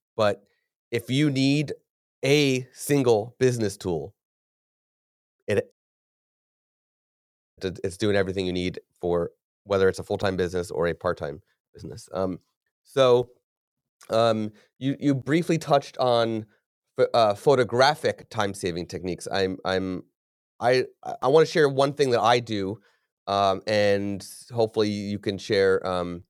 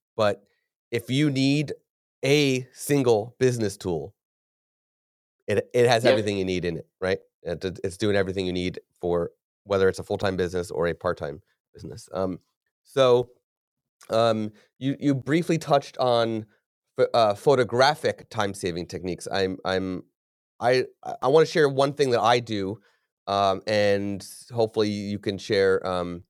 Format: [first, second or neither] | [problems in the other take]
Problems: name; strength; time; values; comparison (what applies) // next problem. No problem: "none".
second | audio cutting out; at 5.5 s for 2 s